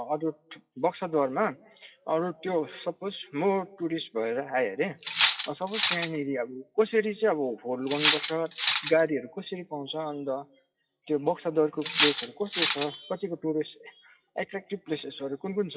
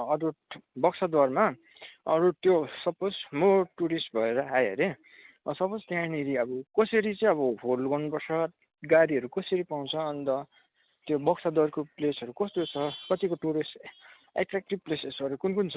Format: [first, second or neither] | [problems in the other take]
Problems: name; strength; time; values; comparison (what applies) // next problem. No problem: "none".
second | noise reduction (classical method WPE with log-MMSE)